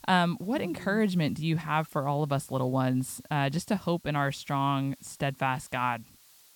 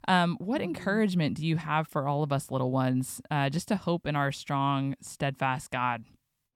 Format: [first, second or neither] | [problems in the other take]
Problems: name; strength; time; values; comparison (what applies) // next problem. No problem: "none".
second | hiss; faint; throughout; 25 dB below the speech